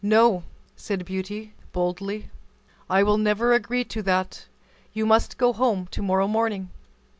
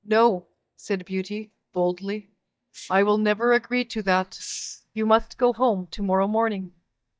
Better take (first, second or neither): first